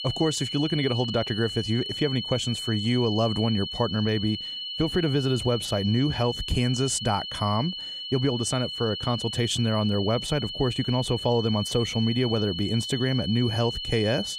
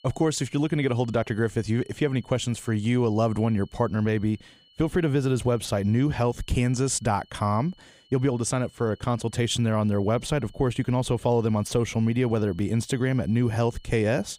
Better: second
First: high-pitched whine; loud; throughout; 3 kHz, 5 dB below the speech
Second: high-pitched whine; faint; throughout; 3 kHz, 30 dB below the speech

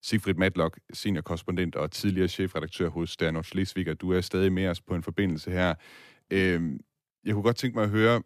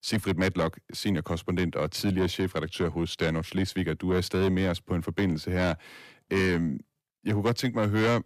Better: first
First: none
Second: distortion; slight; 10 dB below the speech

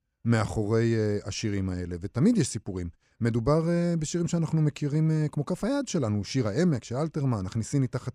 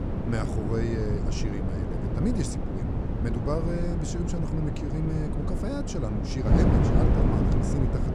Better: first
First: none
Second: wind noise on the microphone; heavy; 1 dB above the speech

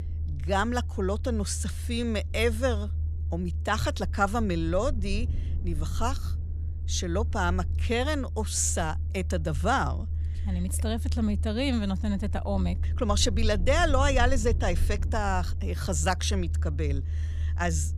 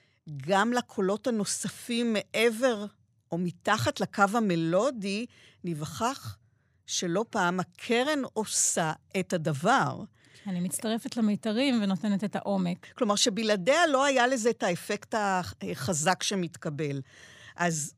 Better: second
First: low rumble; noticeable; throughout; 20 dB below the speech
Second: none

